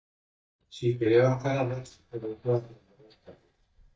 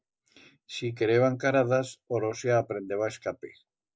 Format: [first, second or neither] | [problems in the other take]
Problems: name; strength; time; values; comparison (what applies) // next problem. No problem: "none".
second | noise reduction (neural mask model DeepFilterNet 3)